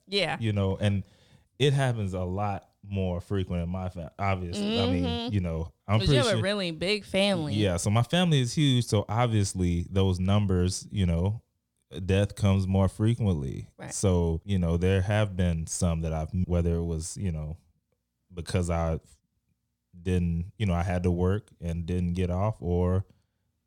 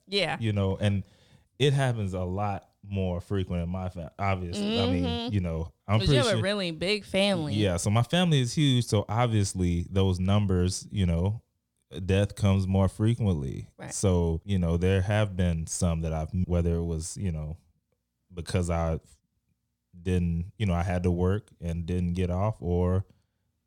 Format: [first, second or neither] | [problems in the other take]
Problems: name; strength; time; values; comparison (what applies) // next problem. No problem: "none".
neither | none